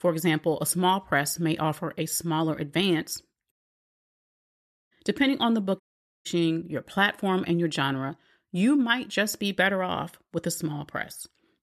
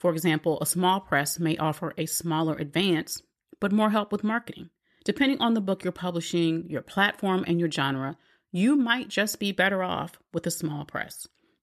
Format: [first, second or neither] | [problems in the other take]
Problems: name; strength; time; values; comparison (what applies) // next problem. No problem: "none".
second | audio cutting out; at 3.5 s for 1.5 s and at 6 s